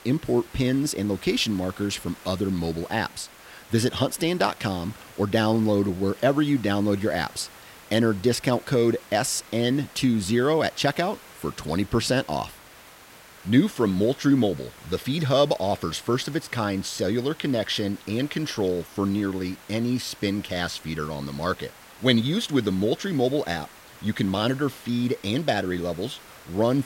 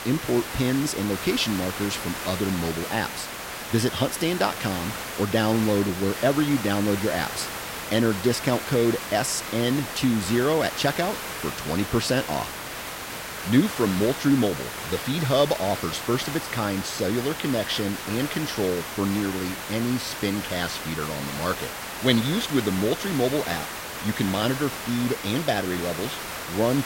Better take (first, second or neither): first